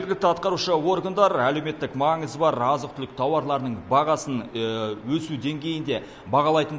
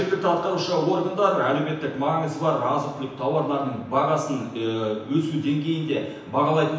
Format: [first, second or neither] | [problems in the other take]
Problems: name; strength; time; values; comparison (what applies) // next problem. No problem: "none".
first | room echo; dies away in 0.9 s